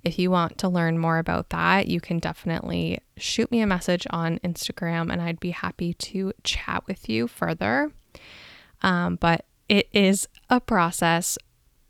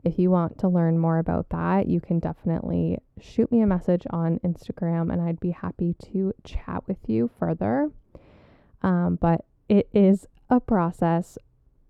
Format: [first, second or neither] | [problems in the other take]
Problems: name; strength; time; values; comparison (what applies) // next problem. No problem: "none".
first | muffled; very; fading above 1.5 kHz